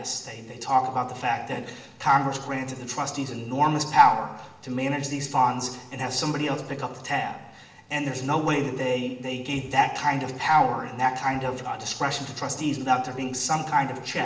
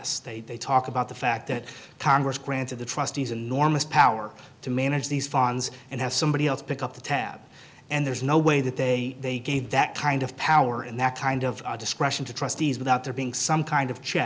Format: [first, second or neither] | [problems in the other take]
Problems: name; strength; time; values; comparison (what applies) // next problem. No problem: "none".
second | room echo; dies away in 0.9 s